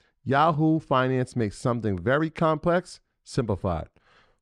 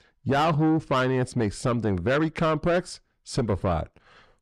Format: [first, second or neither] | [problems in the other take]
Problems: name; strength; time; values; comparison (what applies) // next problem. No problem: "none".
first | distortion; heavy; 7 dB below the speech